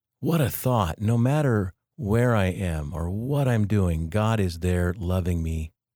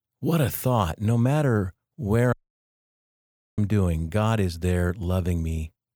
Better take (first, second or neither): first